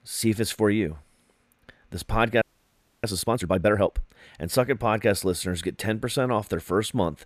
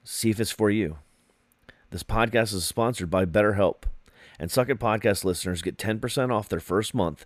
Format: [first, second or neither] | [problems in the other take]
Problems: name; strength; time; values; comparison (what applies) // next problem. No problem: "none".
second | audio freezing; at 2.5 s for 0.5 s